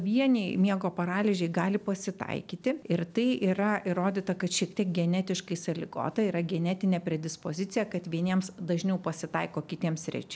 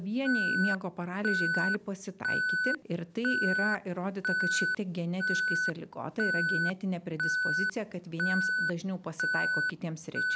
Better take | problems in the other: first | background sound (Alarm); 3 dB above the speech

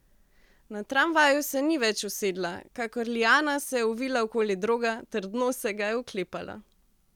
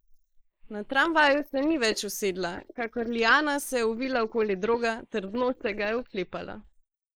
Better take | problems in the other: first | noise reduction (neural mask model Resemble Enhance denoiser)

